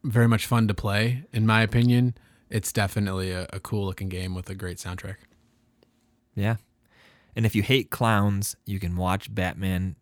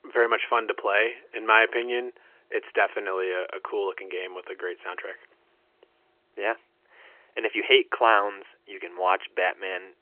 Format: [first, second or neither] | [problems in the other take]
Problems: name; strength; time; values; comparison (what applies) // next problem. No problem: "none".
first | phone-call audio; nothing above 3 kHz